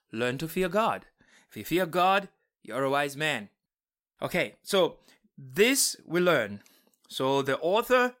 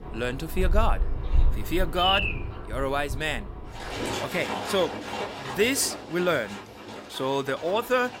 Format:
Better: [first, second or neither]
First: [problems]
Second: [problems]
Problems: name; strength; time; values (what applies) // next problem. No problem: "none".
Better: first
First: none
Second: animal sounds; loud; throughout; 4 dB below the speech